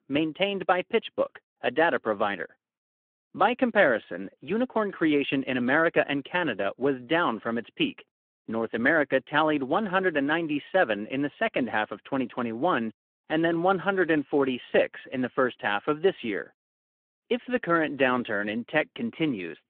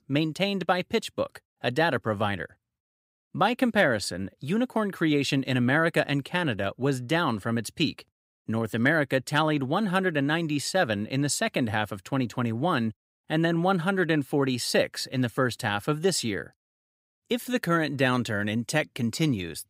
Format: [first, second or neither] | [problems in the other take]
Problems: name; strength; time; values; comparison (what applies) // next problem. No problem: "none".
second | phone-call audio